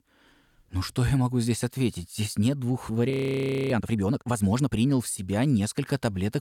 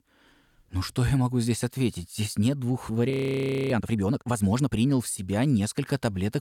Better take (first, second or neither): neither